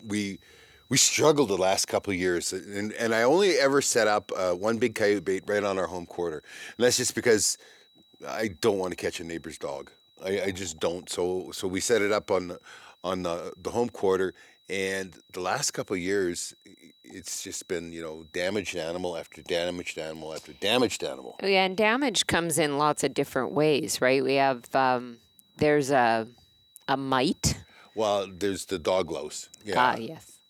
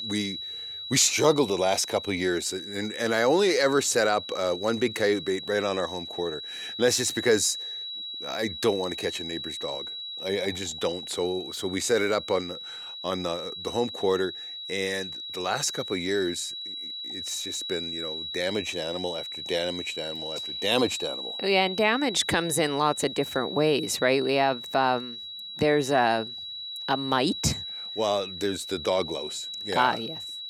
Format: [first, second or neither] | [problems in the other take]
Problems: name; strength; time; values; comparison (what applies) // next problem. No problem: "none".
first | high-pitched whine; loud; throughout; 4 kHz, 8 dB below the speech; faint in the first